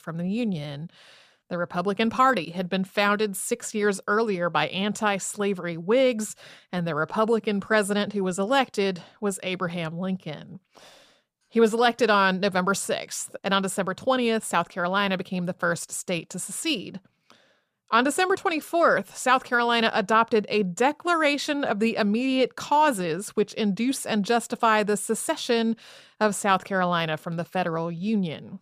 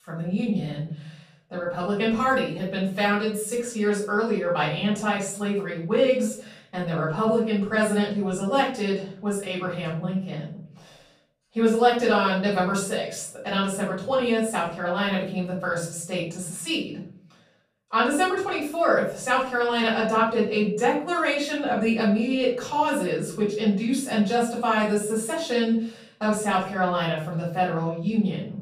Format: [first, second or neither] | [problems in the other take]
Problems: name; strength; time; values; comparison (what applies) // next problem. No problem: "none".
first | off-mic speech; far // room echo; noticeable; dies away in 0.6 s